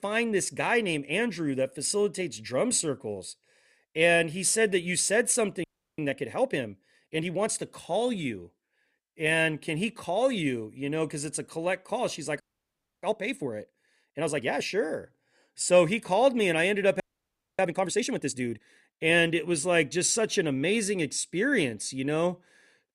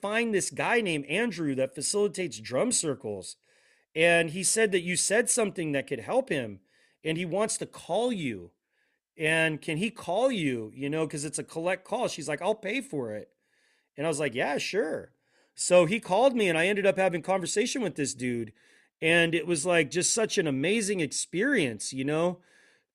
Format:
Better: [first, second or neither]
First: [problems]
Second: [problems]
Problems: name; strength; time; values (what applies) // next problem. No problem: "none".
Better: second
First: audio freezing; at 5.5 s, at 12 s for 0.5 s and at 17 s for 0.5 s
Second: none